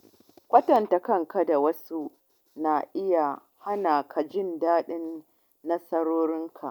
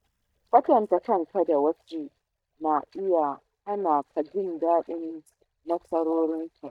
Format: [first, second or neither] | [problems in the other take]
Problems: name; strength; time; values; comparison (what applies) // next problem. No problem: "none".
first | noise reduction (neural mask model DeepFilterNet 3)